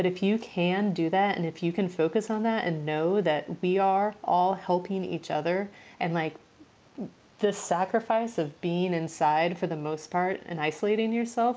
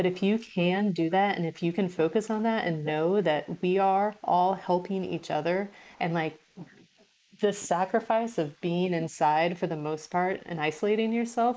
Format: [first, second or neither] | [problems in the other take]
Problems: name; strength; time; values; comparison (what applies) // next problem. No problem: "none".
first | noise reduction (neural mask model Resemble Enhance denoiser)